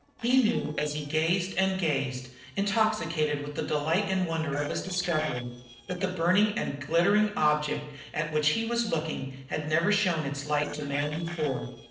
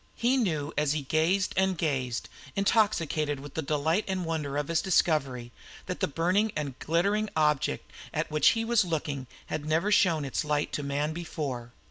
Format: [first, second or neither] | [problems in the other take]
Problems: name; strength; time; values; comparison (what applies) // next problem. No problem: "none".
second | noise reduction (neural separator model SepFormer DNS4)